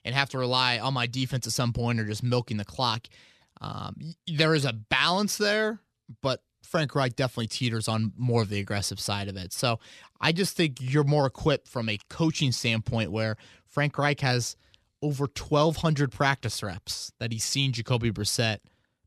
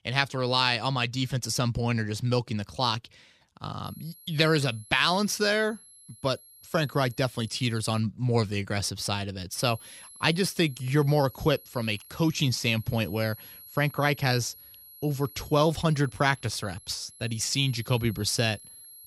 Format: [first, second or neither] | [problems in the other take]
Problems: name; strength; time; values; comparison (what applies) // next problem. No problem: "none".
first | high-pitched whine; faint; from 4 to 8 s and from 9.5 s on; 11.5 kHz, 20 dB below the speech